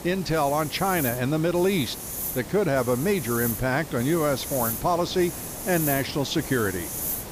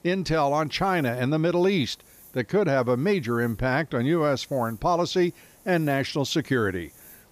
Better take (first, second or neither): second